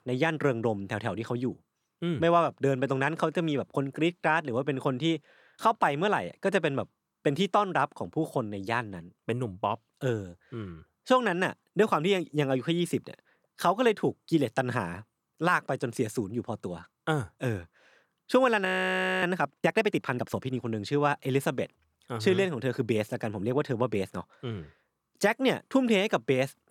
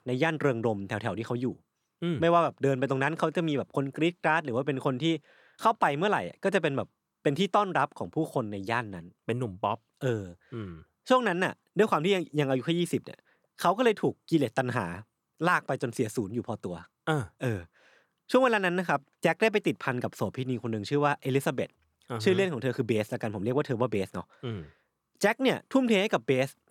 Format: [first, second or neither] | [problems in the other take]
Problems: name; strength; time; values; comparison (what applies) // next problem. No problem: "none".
second | audio freezing; at 19 s for 0.5 s